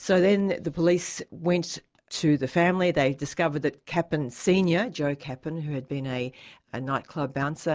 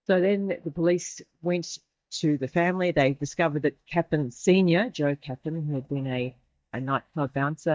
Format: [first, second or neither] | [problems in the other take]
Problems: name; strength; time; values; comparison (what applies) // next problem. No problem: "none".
first | noise reduction (neural mask model DeepFilterNet 3)